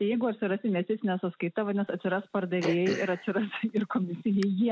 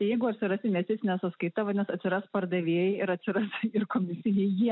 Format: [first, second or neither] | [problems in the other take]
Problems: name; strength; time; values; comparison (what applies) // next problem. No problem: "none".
second | background sound (Cough); 12 dB below the speech